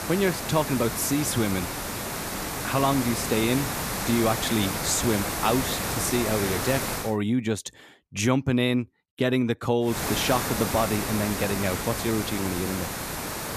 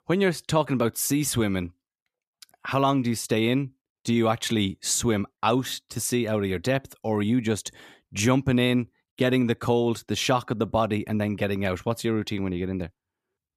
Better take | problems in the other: second | hiss; loud; until 7 s and from 10 s on; 3 dB below the speech

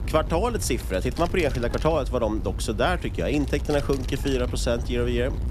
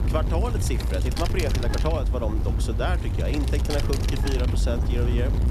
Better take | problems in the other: first | wind noise on the microphone; heavy; 4 dB below the speech; occasional gusts in the first

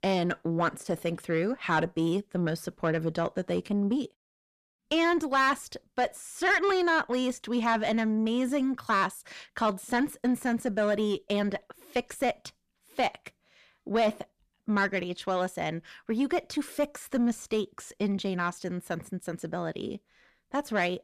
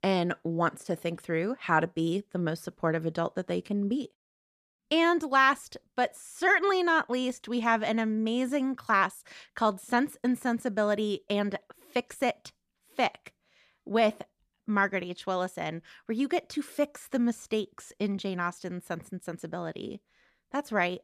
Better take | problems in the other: second | distortion; slight; 10 dB below the speech

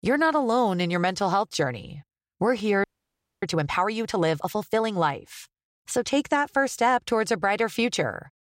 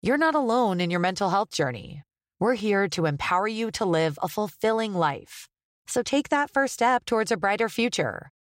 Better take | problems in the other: second | audio freezing; at 3 s for 0.5 s

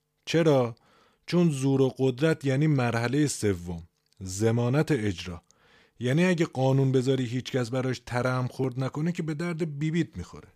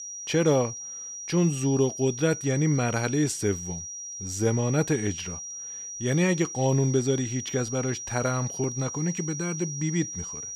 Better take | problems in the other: first | high-pitched whine; loud; throughout; 5.5 kHz, 8 dB below the speech

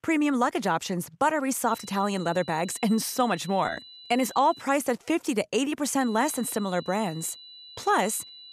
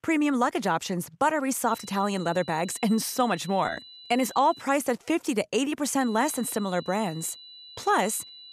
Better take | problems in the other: neither | high-pitched whine; noticeable; from 1.5 to 4.5 s and from 6 s on; 4 kHz, 20 dB below the speech; the same in both

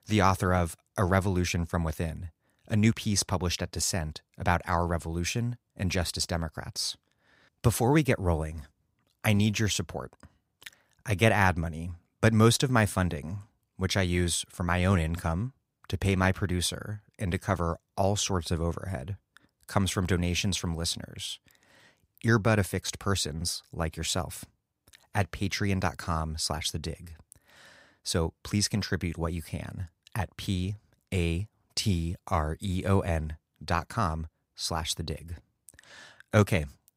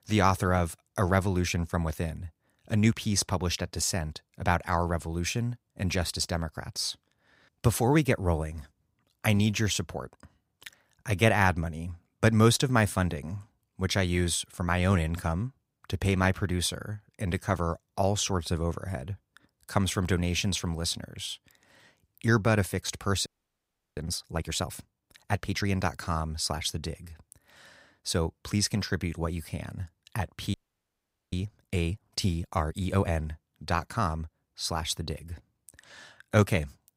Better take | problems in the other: first | audio freezing; at 23 s for 0.5 s and at 31 s for 1 s

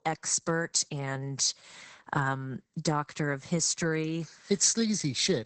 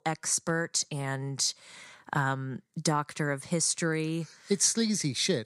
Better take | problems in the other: second | garbled, watery; badly; nothing above 8 kHz

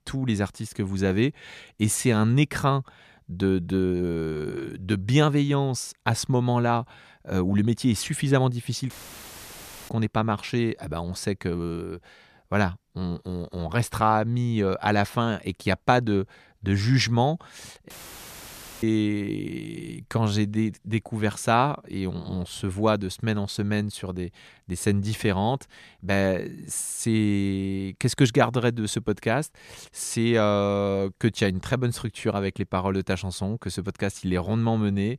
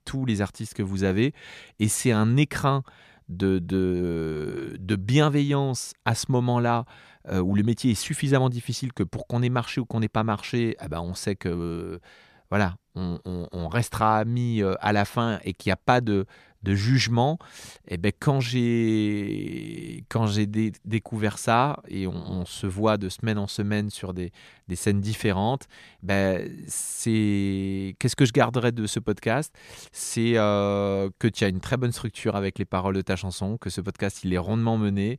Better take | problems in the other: second | audio cutting out; filled with static; at 9 s for 1 s and at 18 s for 1 s

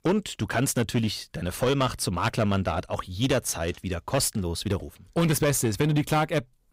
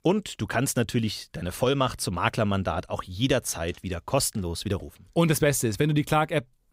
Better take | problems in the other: second | distortion; slight; 6% of the sound clipped

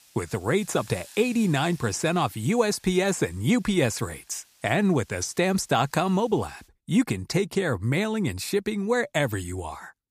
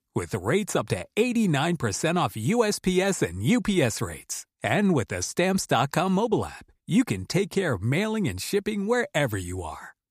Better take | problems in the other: second | hiss; faint; until 6.5 s; 25 dB below the speech

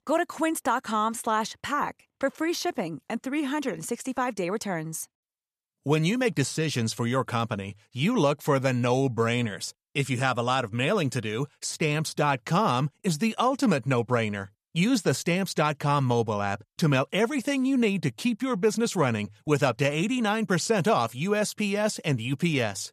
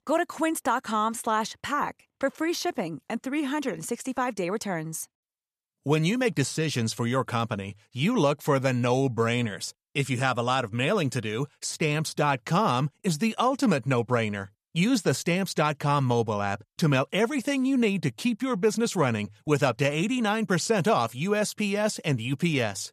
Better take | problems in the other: neither | none

